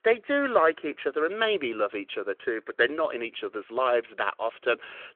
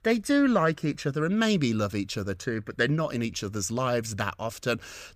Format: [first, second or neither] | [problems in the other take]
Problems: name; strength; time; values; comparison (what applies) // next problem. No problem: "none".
second | phone-call audio; nothing above 3.5 kHz